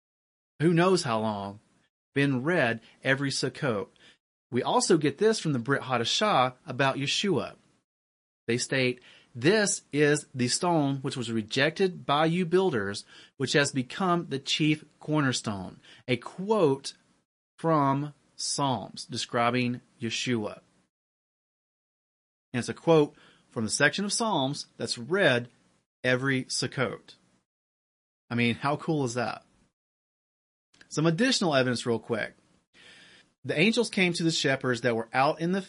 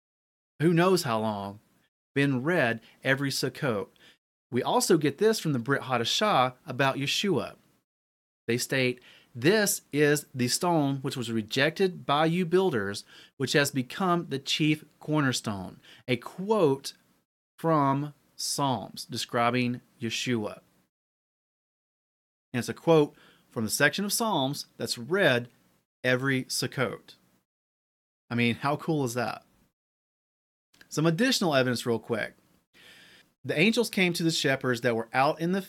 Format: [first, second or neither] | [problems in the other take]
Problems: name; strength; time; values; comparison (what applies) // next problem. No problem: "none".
second | garbled, watery; slightly; nothing above 10.5 kHz